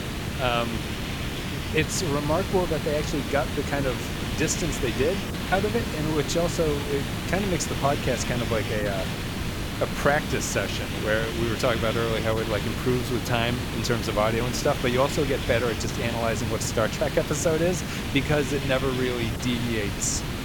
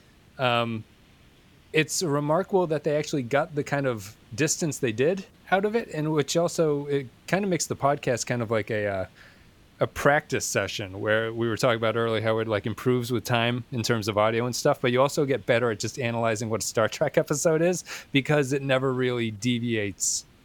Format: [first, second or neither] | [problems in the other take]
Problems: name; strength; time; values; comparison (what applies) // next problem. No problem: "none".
second | hiss; loud; throughout; 3 dB below the speech; faint in the second